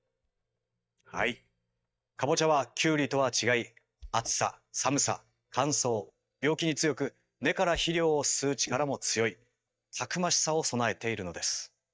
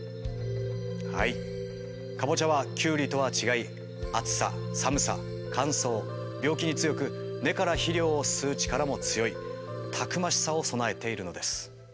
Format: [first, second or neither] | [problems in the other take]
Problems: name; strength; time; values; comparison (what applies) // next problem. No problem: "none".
second | noise reduction (neural mask model DeepFilterNet 3)